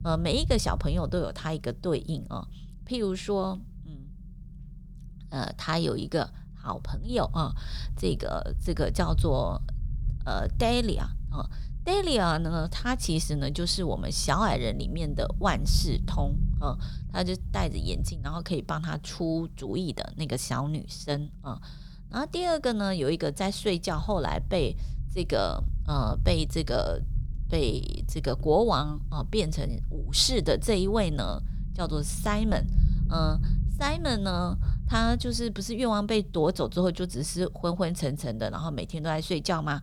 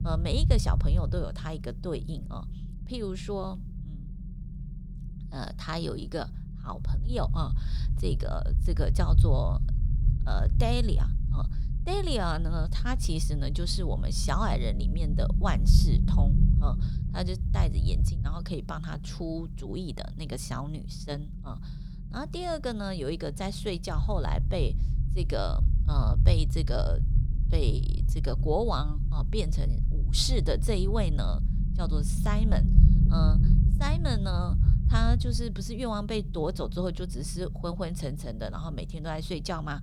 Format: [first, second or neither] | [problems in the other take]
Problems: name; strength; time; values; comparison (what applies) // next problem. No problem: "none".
first | low rumble; loud; throughout; 9 dB below the speech; faint in the first